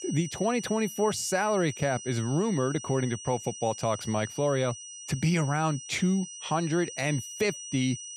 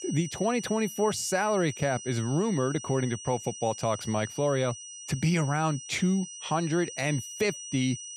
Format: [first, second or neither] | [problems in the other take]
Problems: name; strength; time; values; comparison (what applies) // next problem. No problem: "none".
neither | high-pitched whine; noticeable; throughout; 6 kHz, 10 dB below the speech; the same in both